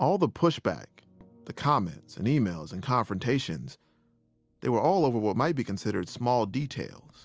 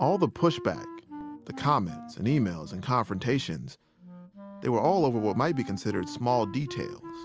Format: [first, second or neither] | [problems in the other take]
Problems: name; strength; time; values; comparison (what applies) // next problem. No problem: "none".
first | background sound (Wind instrument, woodwind instrument); 14 dB below the speech